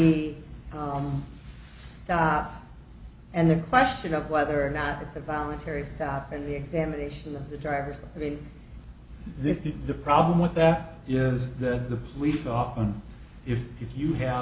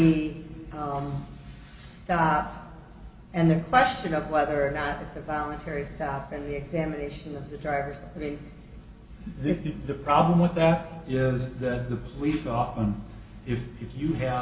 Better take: first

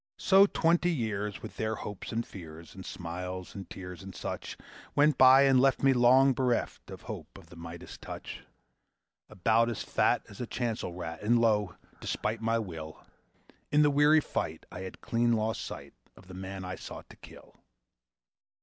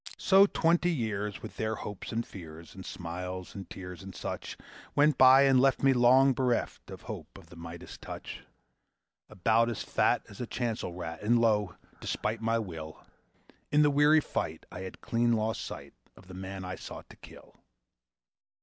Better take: first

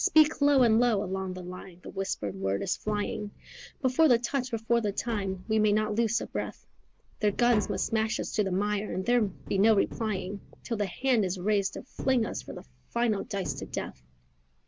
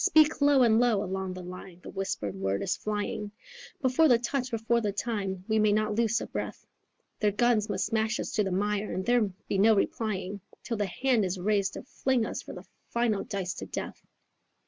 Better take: second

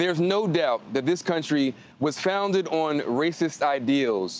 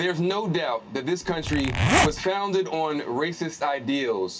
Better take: first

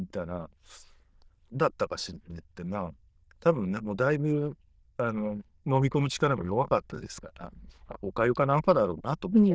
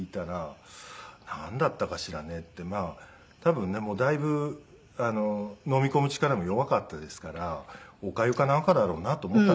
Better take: second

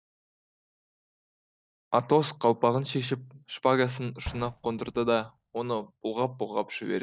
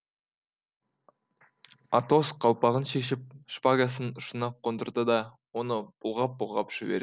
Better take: second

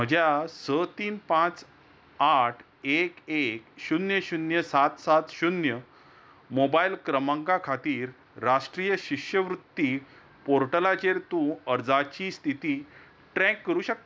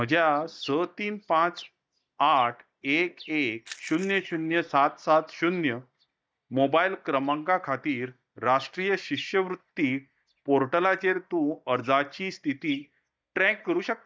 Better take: first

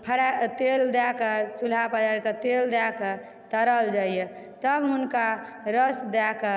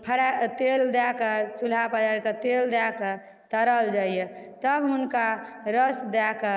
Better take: first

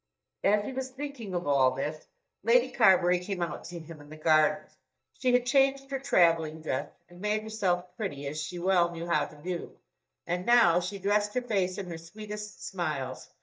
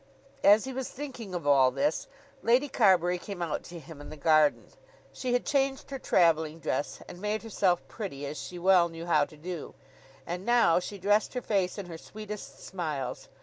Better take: second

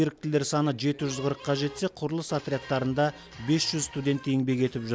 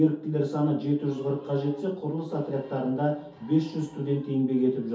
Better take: first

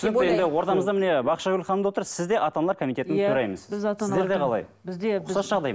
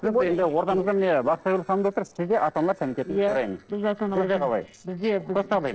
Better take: first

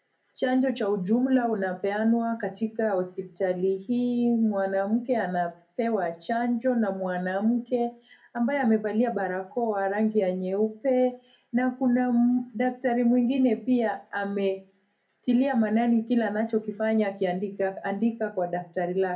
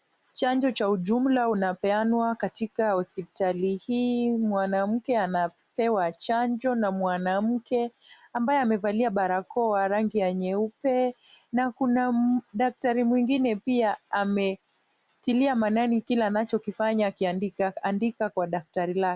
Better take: second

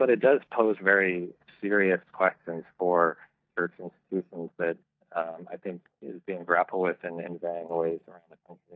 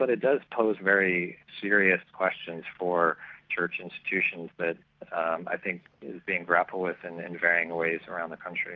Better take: second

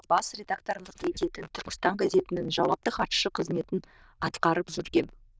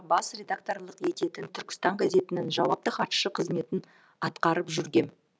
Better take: second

